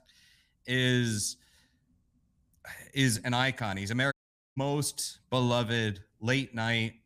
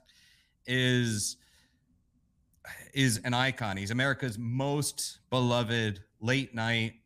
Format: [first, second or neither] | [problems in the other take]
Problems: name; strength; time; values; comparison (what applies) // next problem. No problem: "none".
second | audio cutting out; at 4 s